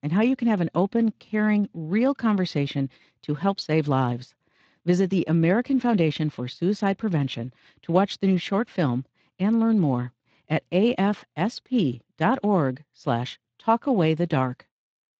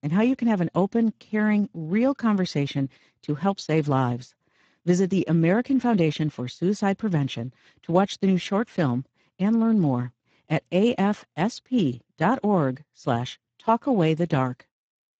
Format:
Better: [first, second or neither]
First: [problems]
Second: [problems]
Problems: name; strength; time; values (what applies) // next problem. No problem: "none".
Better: first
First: garbled, watery; slightly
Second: garbled, watery; badly; nothing above 7.5 kHz